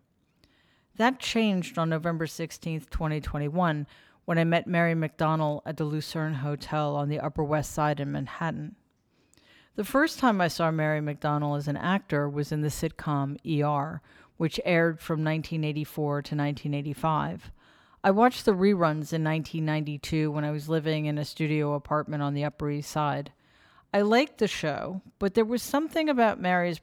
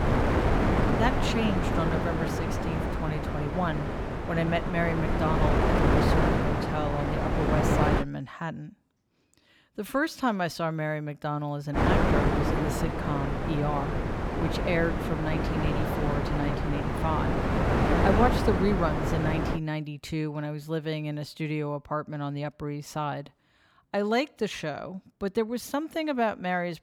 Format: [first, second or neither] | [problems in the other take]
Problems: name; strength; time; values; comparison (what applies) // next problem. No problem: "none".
first | wind noise on the microphone; heavy; until 8 s and from 12 to 20 s; 2 dB above the speech